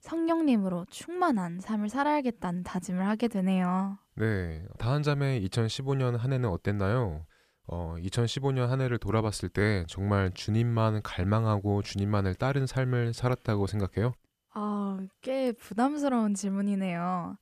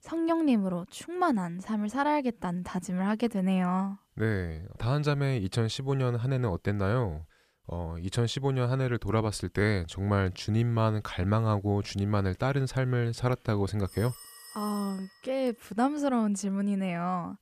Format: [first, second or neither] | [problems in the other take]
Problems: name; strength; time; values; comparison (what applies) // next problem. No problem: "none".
first | phone ringing; faint; from 14 to 15 s; peak 15 dB below the speech